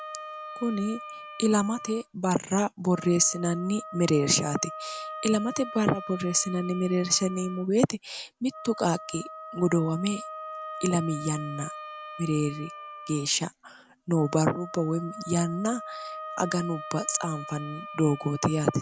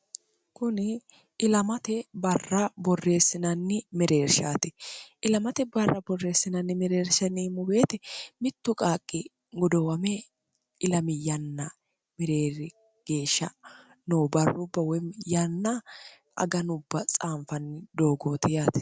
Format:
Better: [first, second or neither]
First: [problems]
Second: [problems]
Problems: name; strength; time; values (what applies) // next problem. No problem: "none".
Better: second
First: background sound (Wind instrument, woodwind instrument); 13 dB below the speech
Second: none